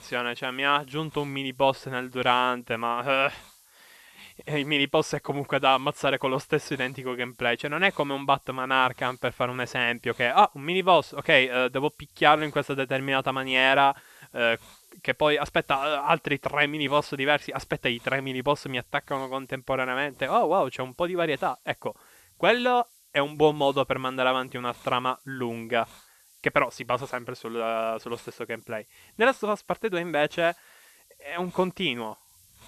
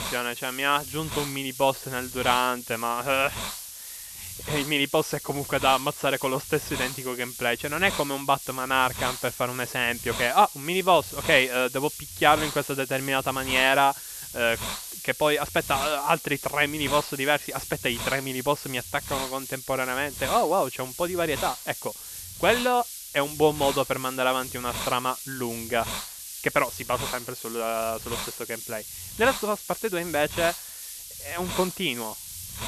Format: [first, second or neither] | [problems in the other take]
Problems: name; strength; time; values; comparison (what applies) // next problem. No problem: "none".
first | hiss; loud; throughout; 8 dB below the speech; faint in the first